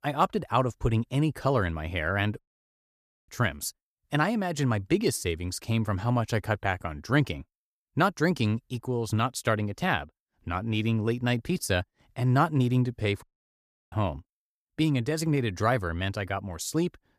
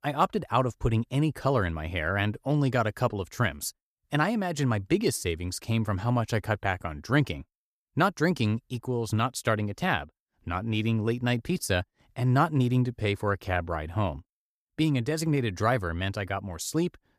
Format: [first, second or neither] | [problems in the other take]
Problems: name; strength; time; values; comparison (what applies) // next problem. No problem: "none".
second | audio cutting out; at 2.5 s for 1 s and at 13 s for 0.5 s